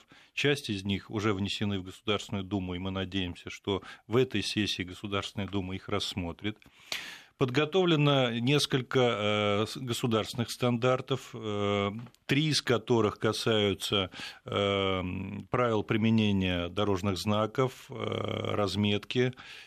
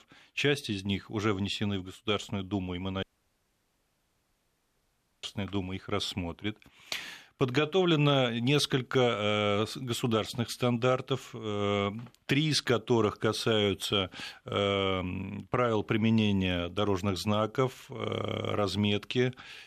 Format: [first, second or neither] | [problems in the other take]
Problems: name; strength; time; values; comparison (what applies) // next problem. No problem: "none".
first | audio cutting out; at 3 s for 2 s